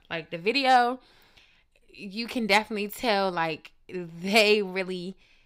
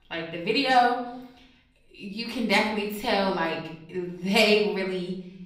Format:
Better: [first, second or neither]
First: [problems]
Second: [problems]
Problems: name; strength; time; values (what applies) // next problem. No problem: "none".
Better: first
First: none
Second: off-mic speech; far // room echo; slight; dies away in 1 s